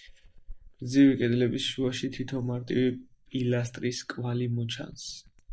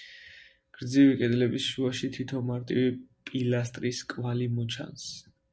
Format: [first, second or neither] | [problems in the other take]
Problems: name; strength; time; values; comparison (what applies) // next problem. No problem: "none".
second | noise reduction (neural mask model DeepFilterNet 3)